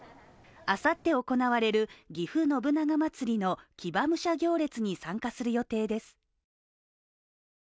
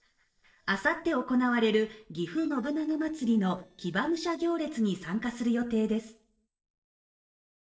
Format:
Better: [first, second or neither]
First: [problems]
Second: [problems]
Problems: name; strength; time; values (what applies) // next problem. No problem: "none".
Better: first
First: none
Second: noise reduction (neural separator model SepFormer DNS4)